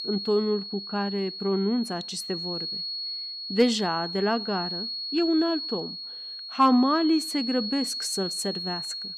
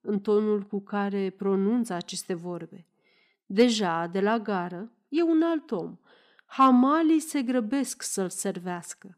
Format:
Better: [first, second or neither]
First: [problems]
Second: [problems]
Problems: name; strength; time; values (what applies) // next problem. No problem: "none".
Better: second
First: high-pitched whine; loud; throughout; 4.5 kHz, 5 dB below the speech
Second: none